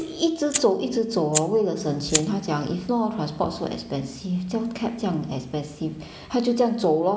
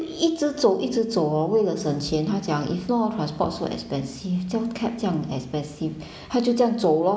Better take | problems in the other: second | background sound (Fire); 11 dB below the speech

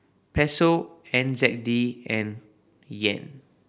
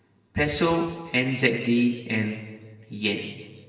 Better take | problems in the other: first | room echo; dies away in 1.3 s

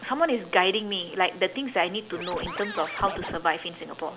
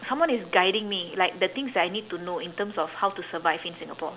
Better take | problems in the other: second | background sound (Scratching (performance technique)); 8 dB below the speech

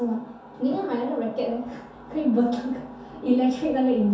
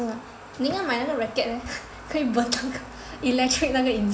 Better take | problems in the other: second | room echo; dies away in 0.5 s

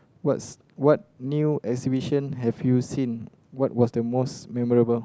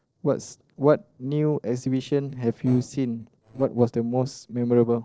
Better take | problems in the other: first | noise reduction (neural separator model SepFormer DNS4)

